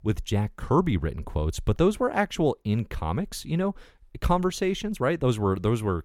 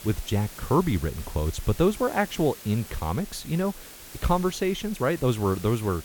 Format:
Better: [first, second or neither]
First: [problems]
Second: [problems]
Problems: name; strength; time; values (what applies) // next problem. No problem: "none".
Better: first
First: none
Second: hiss; noticeable; throughout; 15 dB below the speech